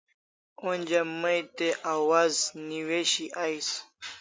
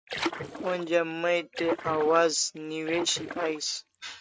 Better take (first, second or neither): first